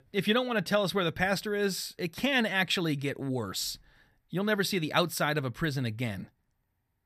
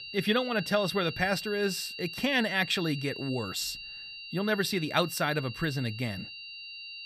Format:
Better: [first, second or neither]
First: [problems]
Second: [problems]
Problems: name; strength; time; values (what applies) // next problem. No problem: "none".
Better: first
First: none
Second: high-pitched whine; loud; throughout; 3 kHz, 10 dB below the speech